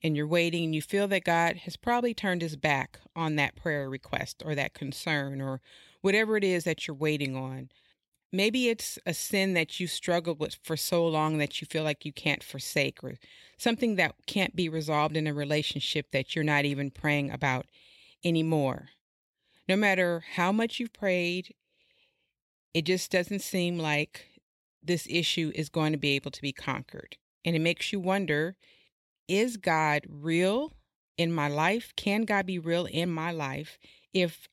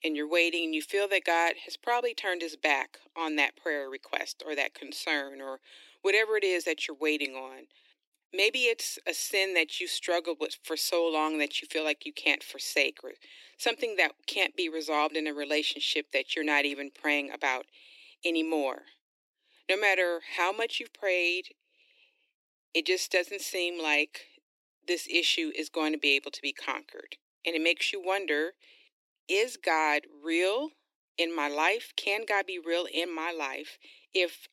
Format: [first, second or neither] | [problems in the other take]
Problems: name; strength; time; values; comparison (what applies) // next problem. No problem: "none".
first | thin; somewhat; fading below 300 Hz